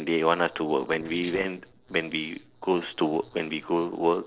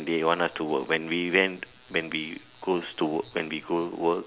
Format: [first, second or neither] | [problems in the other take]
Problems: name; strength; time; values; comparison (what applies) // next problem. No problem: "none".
second | noise reduction (neural separator model SepFormer DNS4)